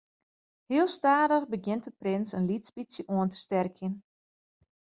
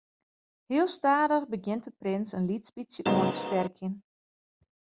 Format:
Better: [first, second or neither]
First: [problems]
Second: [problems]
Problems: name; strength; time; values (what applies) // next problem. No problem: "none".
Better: first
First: none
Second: background sound (Keyboard (musical)); 2 dB above the speech